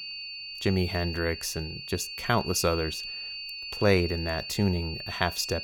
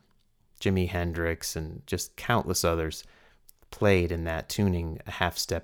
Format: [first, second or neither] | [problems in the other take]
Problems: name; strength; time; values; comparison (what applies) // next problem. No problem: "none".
second | high-pitched whine; loud; throughout; 4.5 kHz, 7 dB below the speech